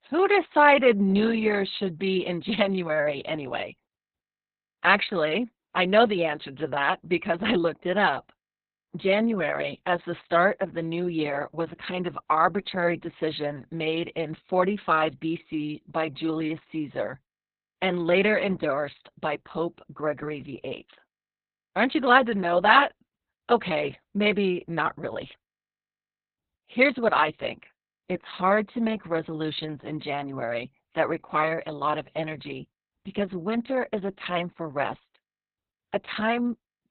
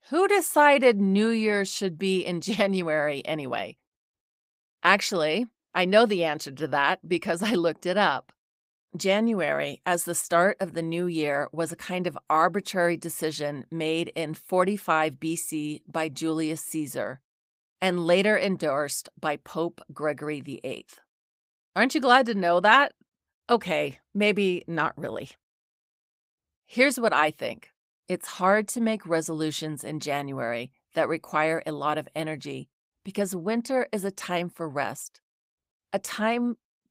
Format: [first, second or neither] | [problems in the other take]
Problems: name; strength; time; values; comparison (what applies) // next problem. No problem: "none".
second | garbled, watery; badly; nothing above 4 kHz; slightly in the second